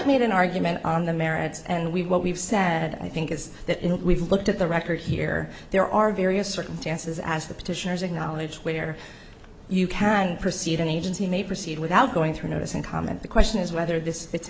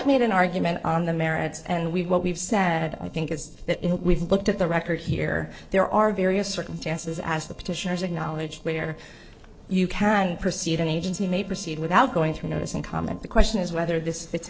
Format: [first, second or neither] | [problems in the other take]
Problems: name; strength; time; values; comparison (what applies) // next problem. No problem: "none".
first | noise reduction (neural separator model SepFormer DNS4)